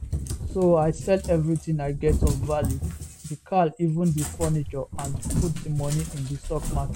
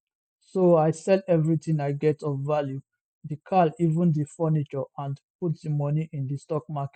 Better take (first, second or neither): second